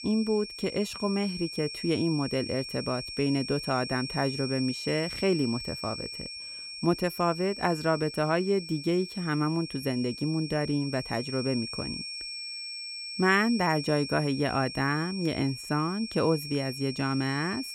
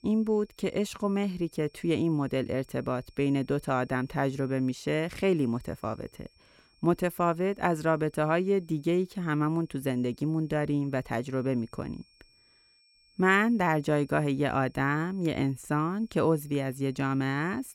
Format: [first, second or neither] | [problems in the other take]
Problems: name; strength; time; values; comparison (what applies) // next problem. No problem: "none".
second | high-pitched whine; loud; throughout; 5.5 kHz, 8 dB below the speech; faint in the second